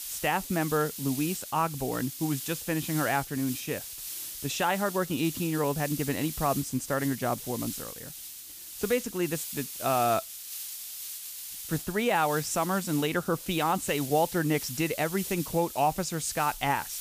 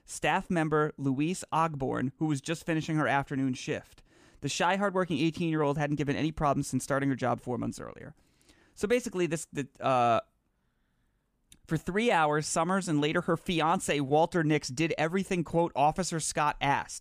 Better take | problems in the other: second | hiss; loud; throughout; 8 dB below the speech

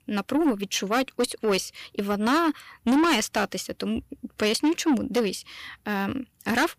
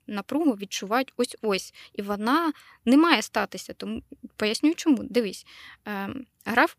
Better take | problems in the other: second | distortion; heavy; 7 dB below the speech

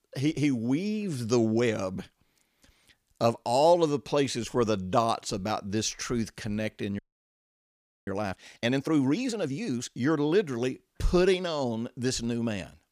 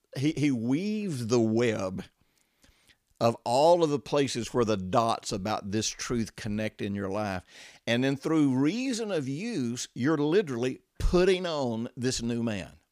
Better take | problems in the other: second | audio freezing; at 7 s for 1 s

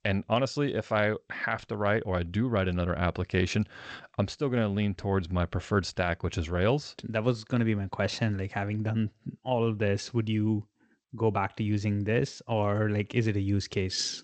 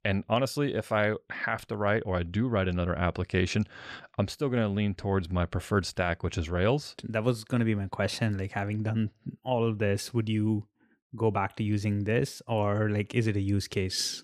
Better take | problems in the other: second | garbled, watery; slightly; nothing above 8 kHz

